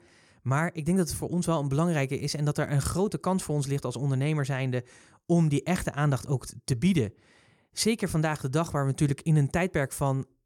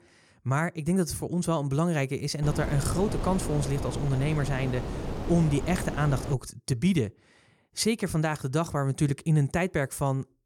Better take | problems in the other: first | wind noise on the microphone; heavy; from 2.5 to 6.5 s; 7 dB below the speech

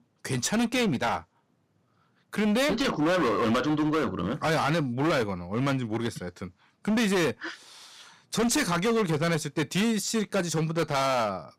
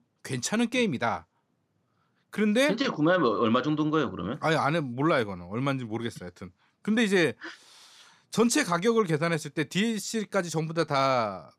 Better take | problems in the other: second | distortion; heavy; 18% of the sound clipped

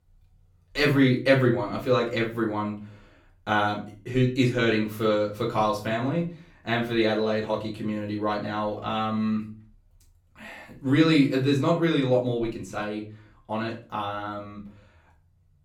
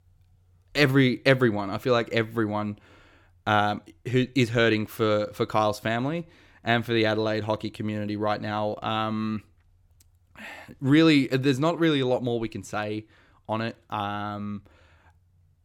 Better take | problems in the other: second | off-mic speech; far // room echo; slight; dies away in 0.3 s

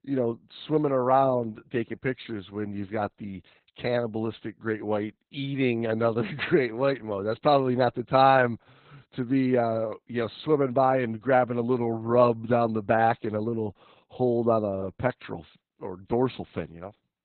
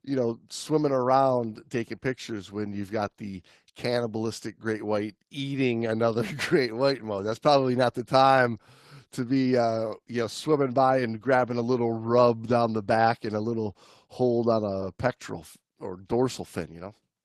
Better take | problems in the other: second | garbled, watery; badly; nothing above 4 kHz; slightly in the second

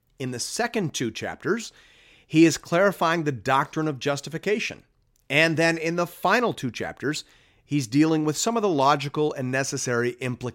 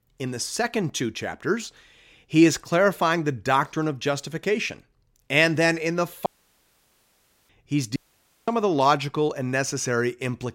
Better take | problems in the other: first | audio cutting out; at 6.5 s for 1 s and at 8 s for 0.5 s

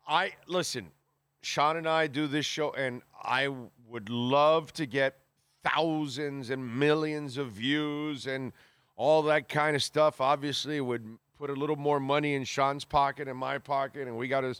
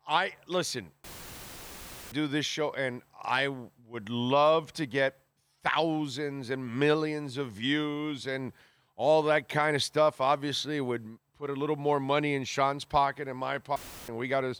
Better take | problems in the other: first | audio cutting out; filled with static; at 1 s for 1 s and at 14 s

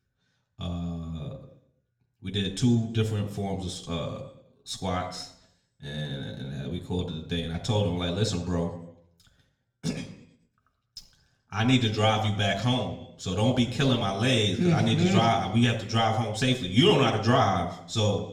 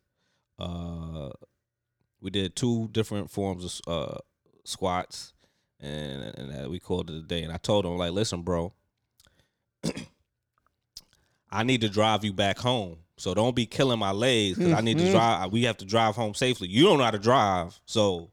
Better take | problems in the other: second | room echo; slight; dies away in 0.7 s // off-mic speech; somewhat distant

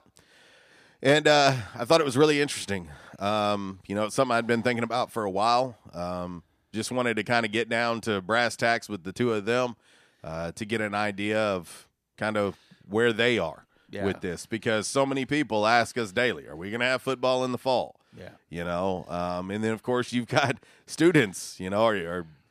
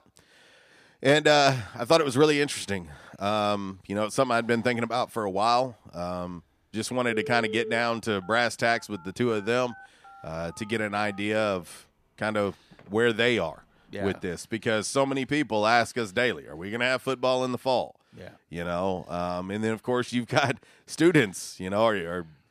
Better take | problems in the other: first | phone ringing; noticeable; from 7 to 13 s; peak 8 dB below the speech

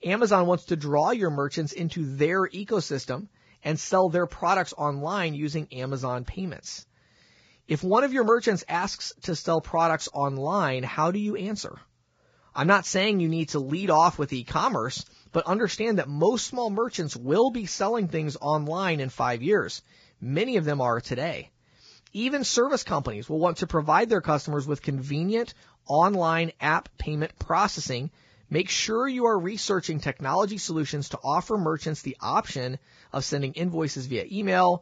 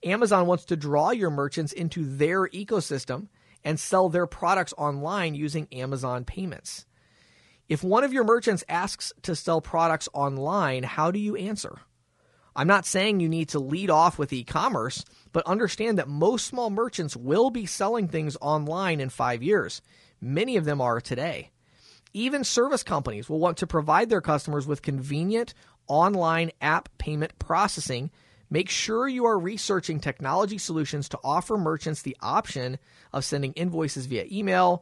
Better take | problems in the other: second | garbled, watery; badly; nothing above 7.5 kHz; slightly in the second

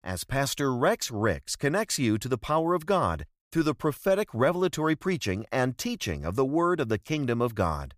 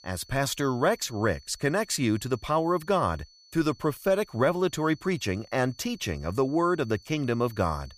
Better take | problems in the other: first | high-pitched whine; faint; throughout; 4.5 kHz, 25 dB below the speech

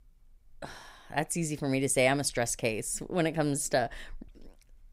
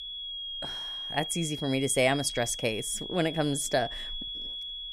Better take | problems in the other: first | high-pitched whine; loud; throughout; 3.5 kHz, 7 dB below the speech

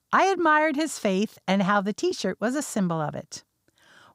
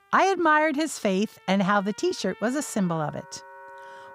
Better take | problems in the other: first | background music; faint; throughout; 25 dB below the speech

